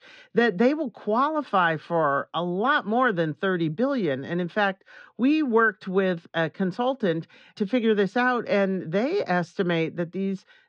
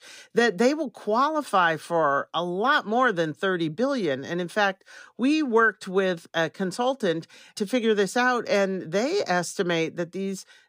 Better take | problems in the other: second | muffled; slightly; fading above 3.5 kHz

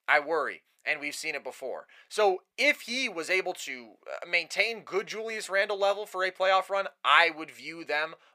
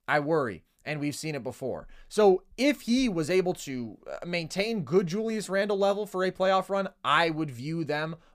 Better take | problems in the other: second | thin; very; fading below 600 Hz

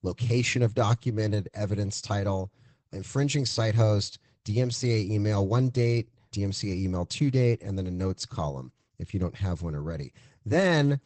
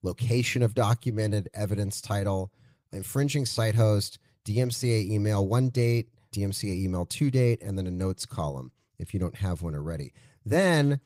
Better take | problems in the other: second | garbled, watery; badly; nothing above 8 kHz; slightly in the second

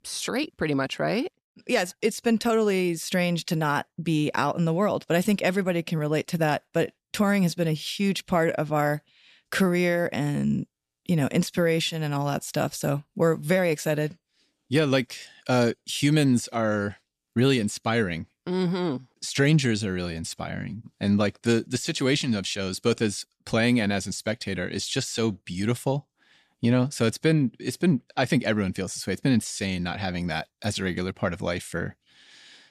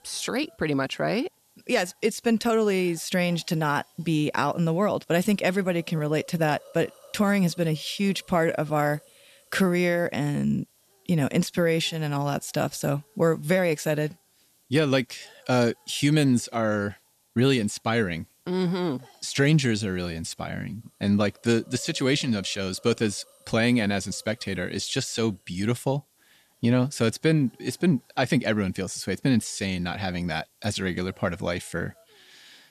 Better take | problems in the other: first | hiss; faint; throughout; 30 dB below the speech

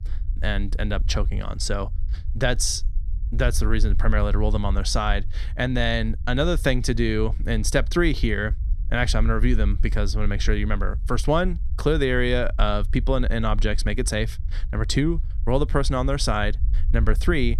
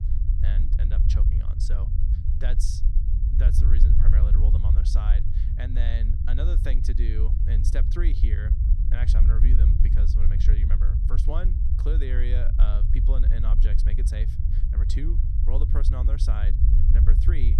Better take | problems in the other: first | low rumble; loud; throughout; 1 dB below the speech; faint in the first

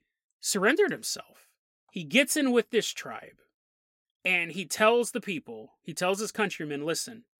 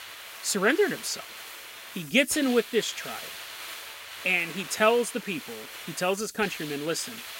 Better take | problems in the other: first | hiss; noticeable; throughout; 10 dB below the speech

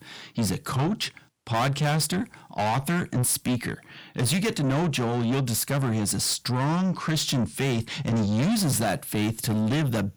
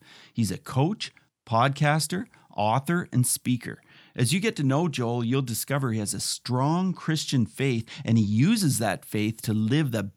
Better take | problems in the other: second | distortion; heavy; 7 dB below the speech

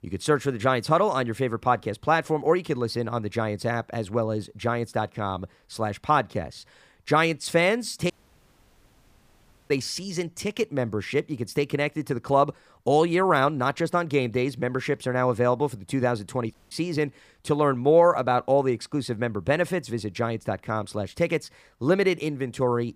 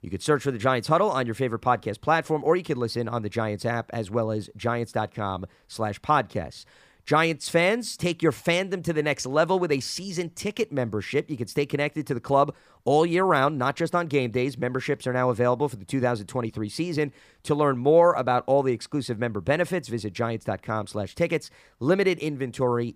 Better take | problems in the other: second | audio cutting out; at 8 s for 1.5 s and at 17 s

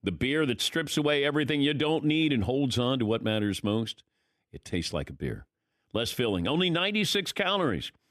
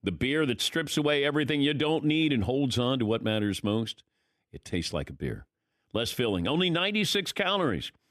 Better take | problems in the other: neither | none

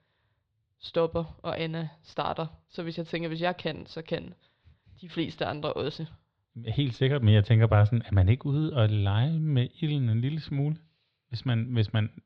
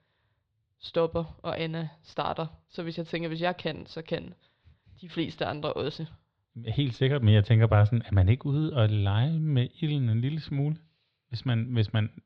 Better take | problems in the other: neither | muffled; slightly; fading above 4 kHz; the same in both

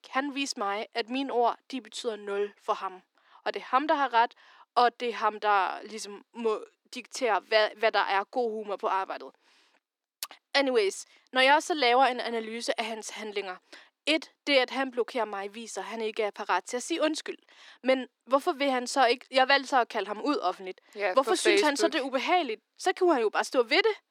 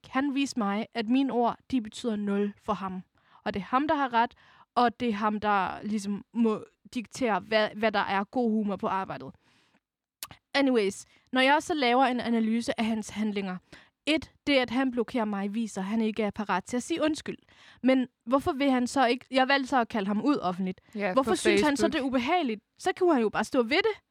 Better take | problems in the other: second | thin; somewhat; fading below 350 Hz

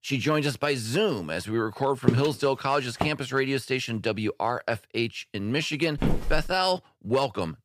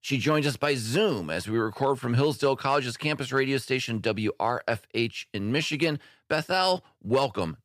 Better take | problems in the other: second | footsteps; loud; at 2 s; peak level with the speech // footsteps; noticeable; at 6 s; peak 2 dB below the speech

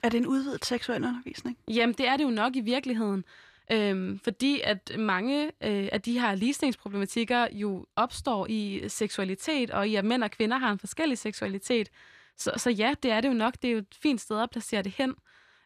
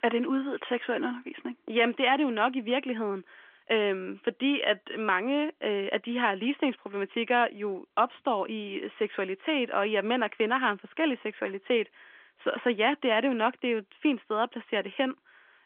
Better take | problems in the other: first | phone-call audio; nothing above 3.5 kHz

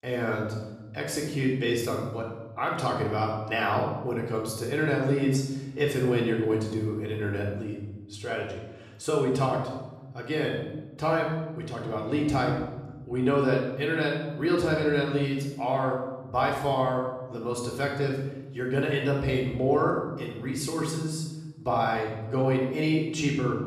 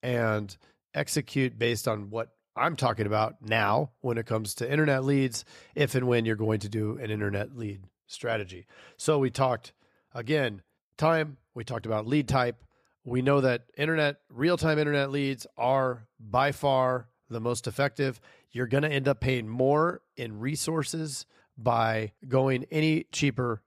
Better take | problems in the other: second | room echo; noticeable; dies away in 1 s // off-mic speech; far

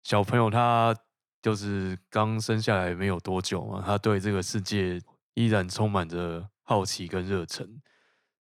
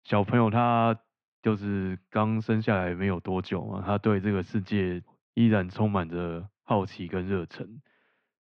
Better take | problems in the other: first | muffled; very; fading above 3 kHz

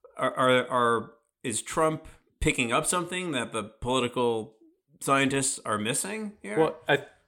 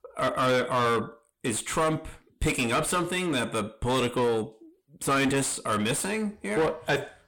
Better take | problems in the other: first | distortion; heavy; 7 dB below the speech

